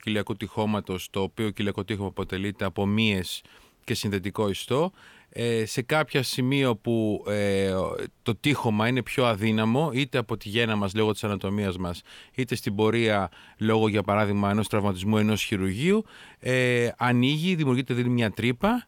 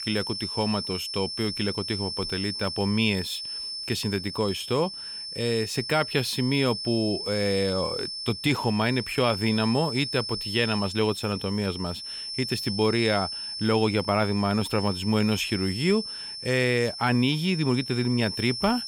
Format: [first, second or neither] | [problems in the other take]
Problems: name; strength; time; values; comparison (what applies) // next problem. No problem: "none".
first | high-pitched whine; loud; throughout; 5.5 kHz, 6 dB below the speech